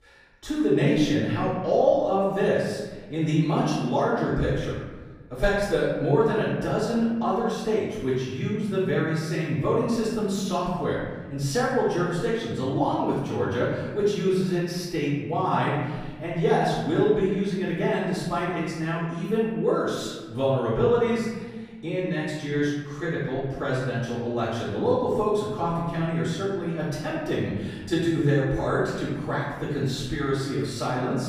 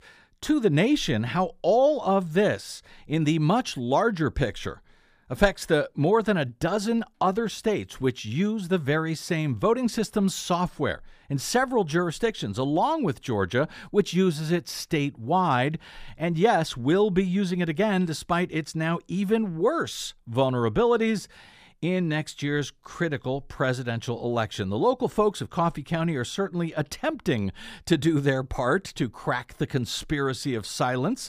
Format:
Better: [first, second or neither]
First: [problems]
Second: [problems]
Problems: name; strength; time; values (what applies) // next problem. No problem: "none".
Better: second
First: off-mic speech; far // room echo; noticeable; dies away in 1.2 s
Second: none